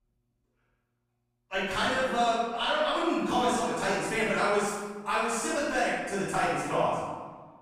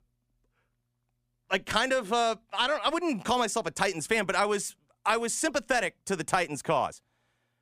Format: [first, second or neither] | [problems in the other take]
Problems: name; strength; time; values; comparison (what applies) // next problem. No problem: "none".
second | off-mic speech; far // room echo; strong; dies away in 1.3 s